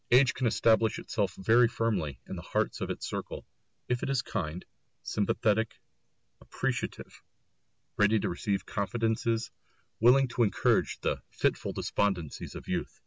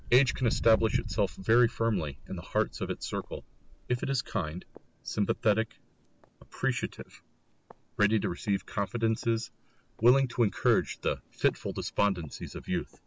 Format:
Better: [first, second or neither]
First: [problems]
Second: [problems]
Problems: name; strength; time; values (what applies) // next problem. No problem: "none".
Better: first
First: none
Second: background sound (Walk, footsteps); 13 dB below the speech